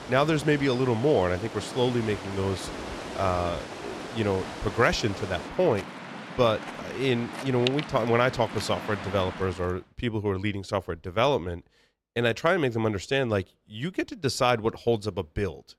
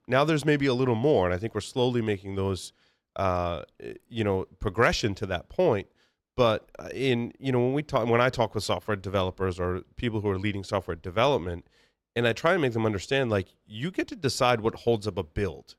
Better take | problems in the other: second | rain or running water; noticeable; until 9.5 s; 10 dB below the speech

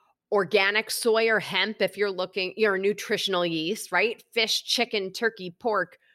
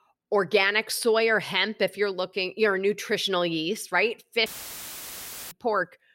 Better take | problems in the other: first | audio cutting out; filled with static; at 4.5 s for 1 s

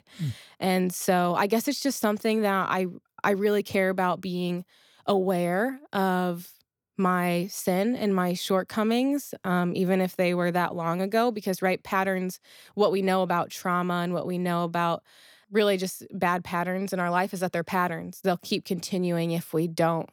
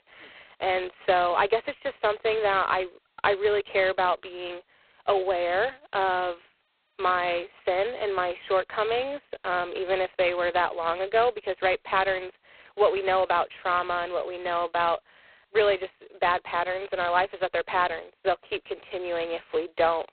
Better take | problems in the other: first | phone-call audio; poor line; nothing above 4 kHz

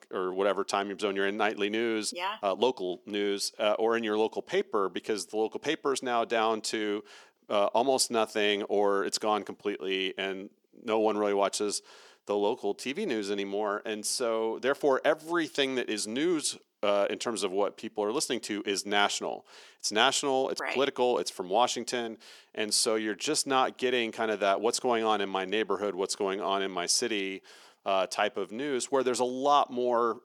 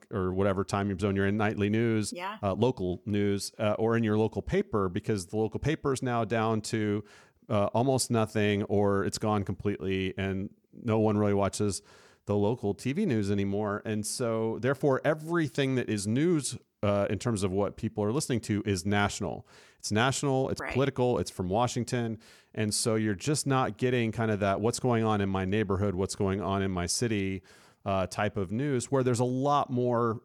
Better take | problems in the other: second | thin; somewhat; fading below 300 Hz

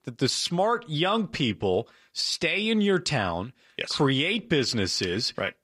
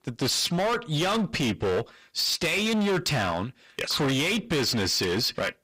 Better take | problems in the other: first | distortion; heavy; 24% of the sound clipped

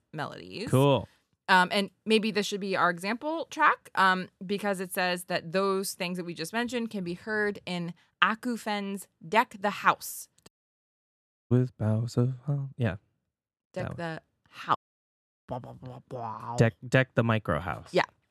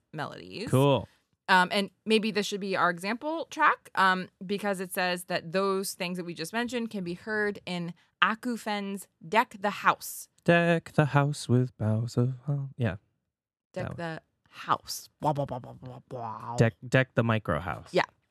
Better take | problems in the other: second | audio cutting out; at 10 s for 1 s and at 15 s for 0.5 s

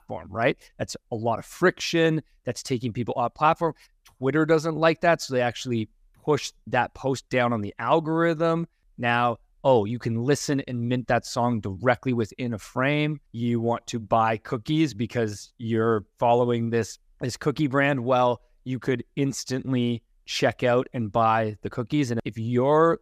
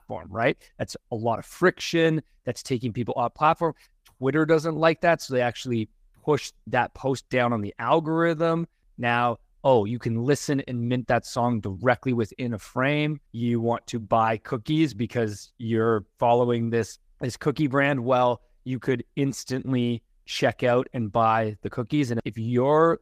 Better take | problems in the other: first | garbled, watery; slightly; nothing above 15 kHz

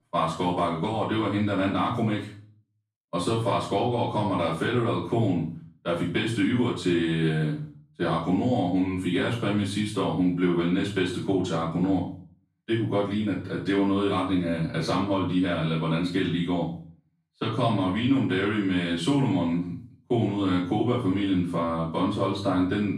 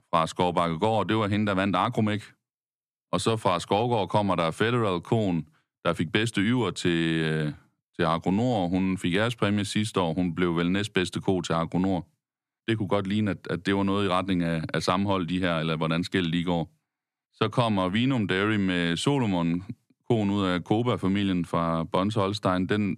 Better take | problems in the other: second | off-mic speech; far // room echo; noticeable; dies away in 0.4 s

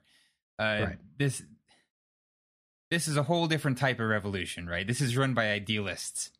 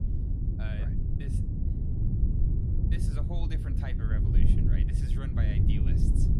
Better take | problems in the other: first | wind noise on the microphone; heavy; 3 dB above the speech

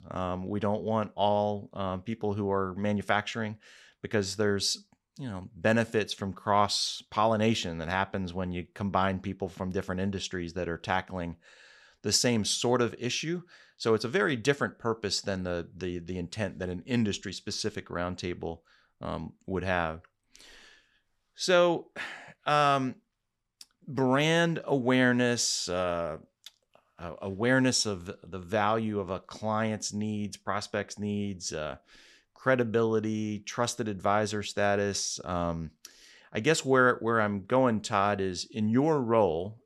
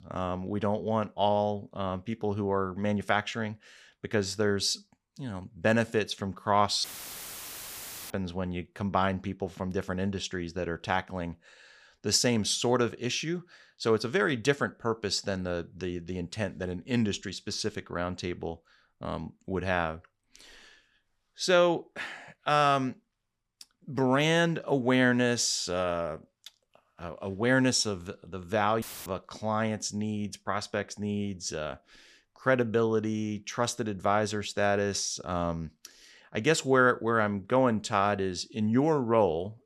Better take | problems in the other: first | audio cutting out; filled with static; at 7 s for 1.5 s and at 29 s

